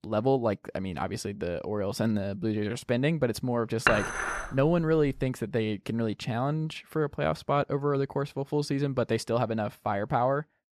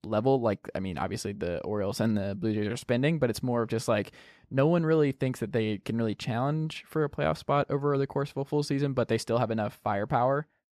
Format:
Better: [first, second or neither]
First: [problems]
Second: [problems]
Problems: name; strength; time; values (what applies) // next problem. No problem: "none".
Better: second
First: clattering dishes; loud; from 4 to 5 s; peak 3 dB above the speech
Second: none